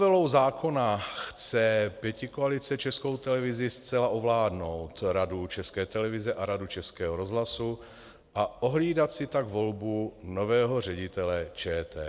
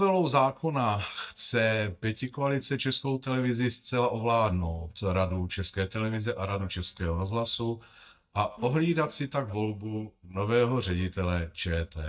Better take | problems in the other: first | noise reduction (neural mask model DeepFilterNet 3)

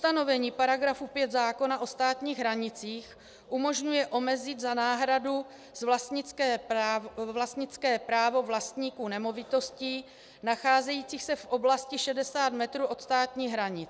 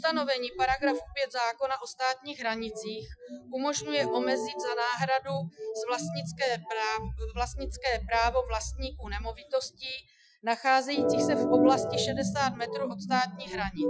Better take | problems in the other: first | noise reduction (classical method Wiener filter)

